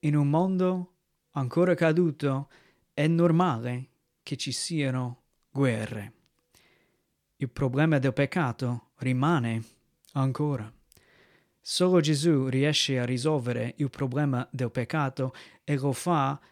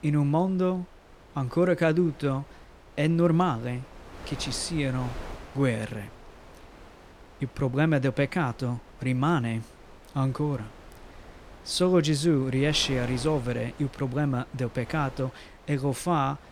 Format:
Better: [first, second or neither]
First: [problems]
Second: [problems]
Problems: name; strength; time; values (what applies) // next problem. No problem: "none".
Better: first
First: none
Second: wind noise on the microphone; occasional gusts; 20 dB below the speech